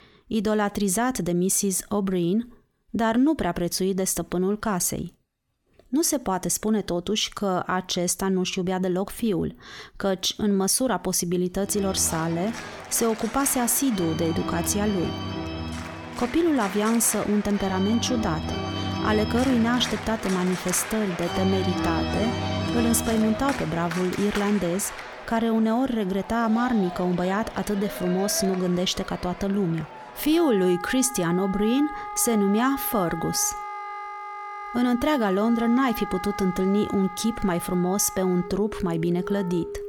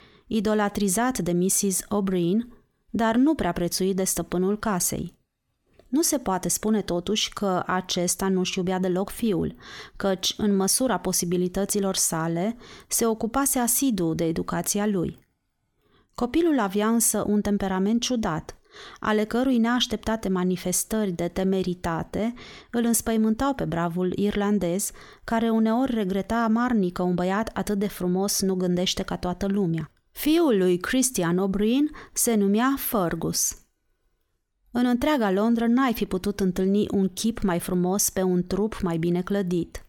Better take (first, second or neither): second